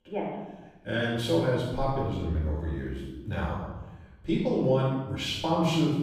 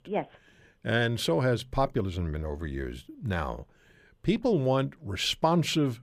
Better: second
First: room echo; strong; dies away in 1.1 s // off-mic speech; far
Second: none

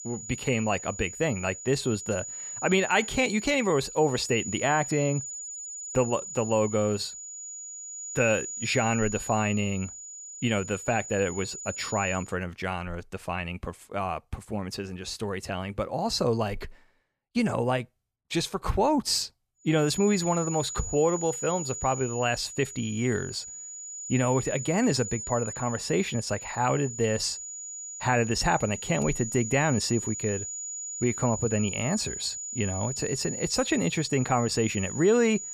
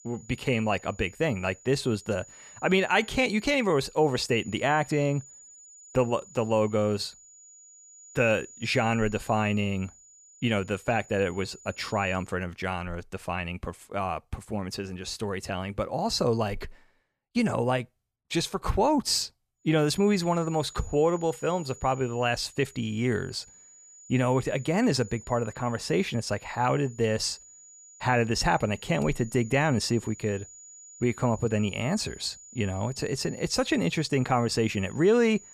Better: second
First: high-pitched whine; loud; until 12 s and from 20 s on; 7 kHz, 7 dB below the speech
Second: high-pitched whine; faint; until 12 s and from 20 s on; 7 kHz, 20 dB below the speech

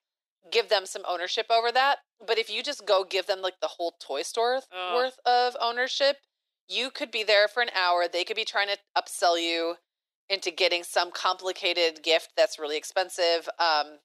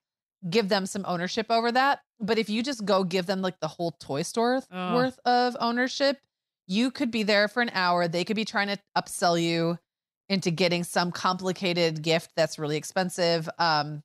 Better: second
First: thin; very; fading below 350 Hz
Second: none

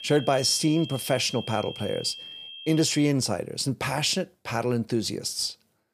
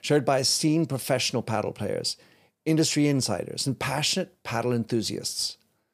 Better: second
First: high-pitched whine; noticeable; until 3 s; 3 kHz, 10 dB below the speech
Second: none

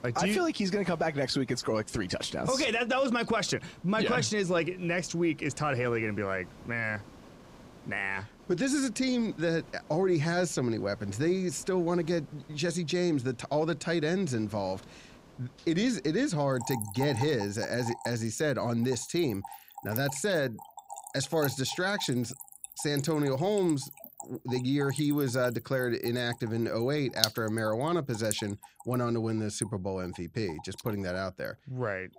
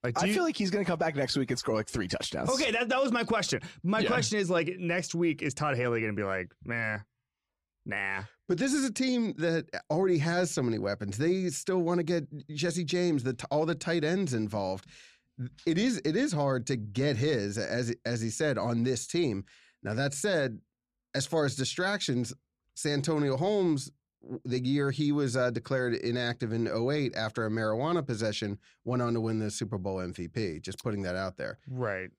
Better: second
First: rain or running water; noticeable; throughout; 10 dB below the speech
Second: none

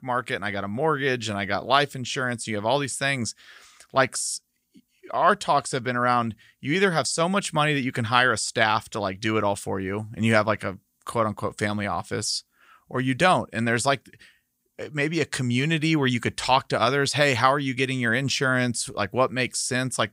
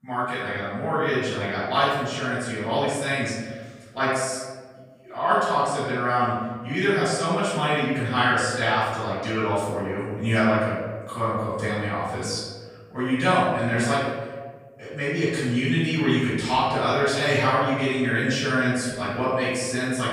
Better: first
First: none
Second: off-mic speech; far // room echo; strong; dies away in 1.3 s

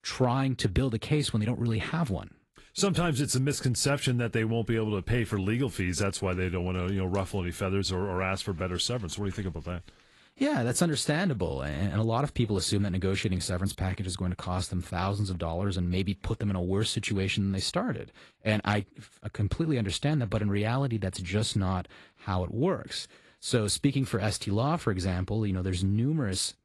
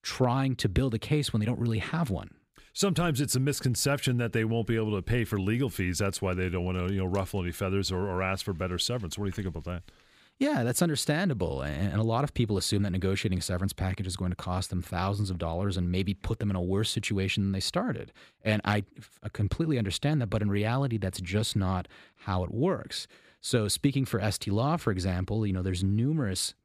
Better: second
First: garbled, watery; slightly; nothing above 11.5 kHz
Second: none

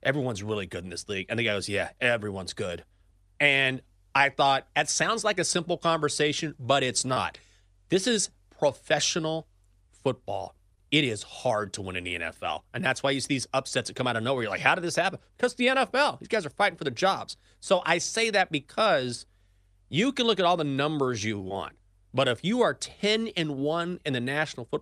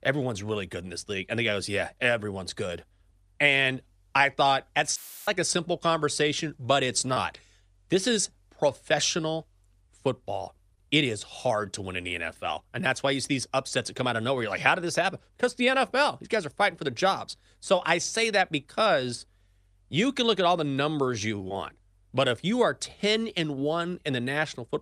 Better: first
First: none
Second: audio cutting out; filled with static; at 5 s

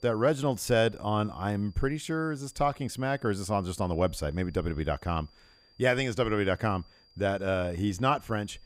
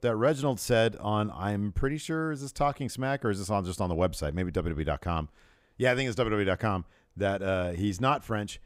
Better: second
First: high-pitched whine; faint; throughout; 4.5 kHz, 30 dB below the speech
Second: none

